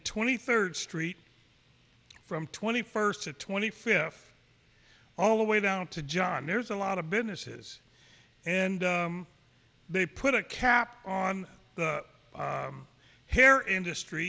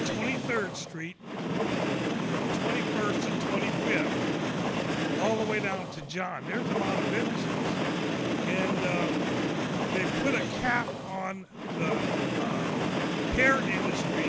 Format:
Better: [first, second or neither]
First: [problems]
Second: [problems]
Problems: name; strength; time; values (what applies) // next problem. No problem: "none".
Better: first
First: none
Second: background sound (Train); 4 dB above the speech